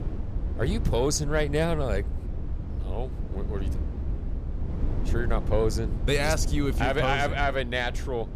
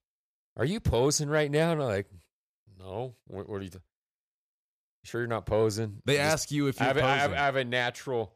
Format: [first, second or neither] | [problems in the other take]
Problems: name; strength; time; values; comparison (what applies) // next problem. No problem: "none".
second | low rumble; noticeable; throughout; 15 dB below the speech